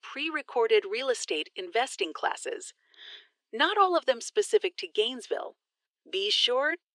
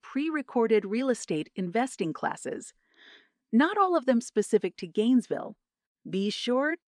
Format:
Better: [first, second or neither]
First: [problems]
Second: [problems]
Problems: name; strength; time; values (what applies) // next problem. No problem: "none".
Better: second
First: thin; very; fading below 350 Hz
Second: none